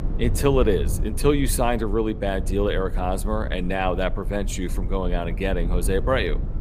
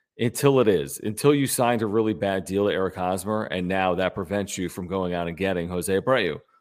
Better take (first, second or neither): second